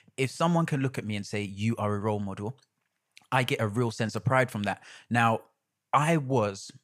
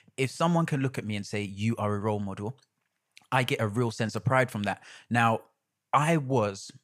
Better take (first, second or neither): neither